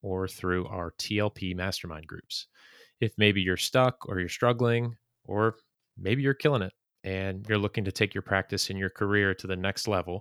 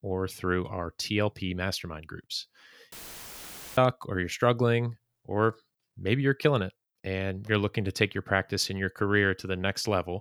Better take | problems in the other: first | audio cutting out; filled with static; at 3 s for 1 s

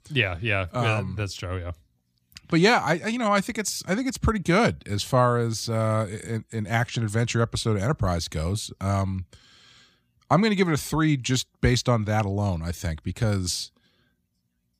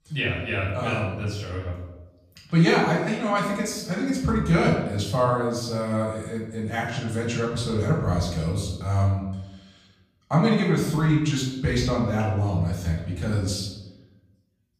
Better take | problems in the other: first | room echo; noticeable; dies away in 0.8 s // off-mic speech; far

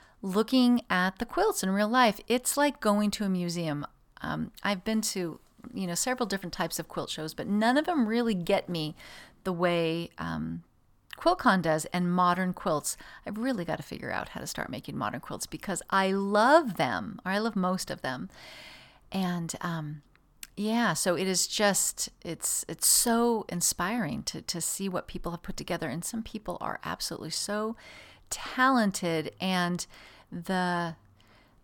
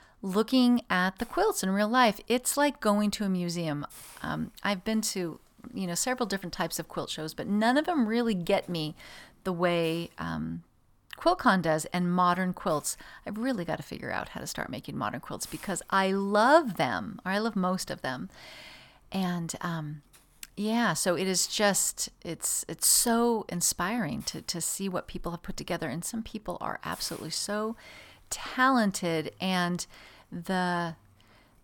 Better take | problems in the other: first | hiss; faint; throughout; 25 dB below the speech

